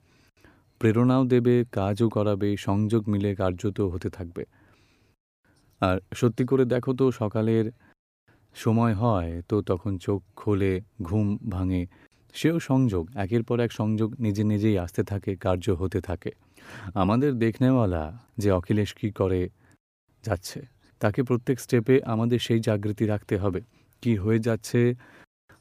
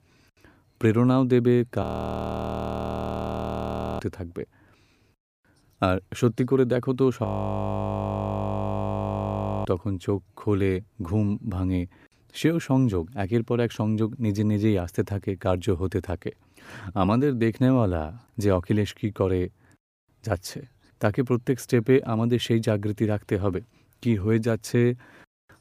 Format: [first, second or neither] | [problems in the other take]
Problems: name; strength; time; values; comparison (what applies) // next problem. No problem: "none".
first | audio freezing; at 2 s for 2 s and at 7.5 s for 2.5 s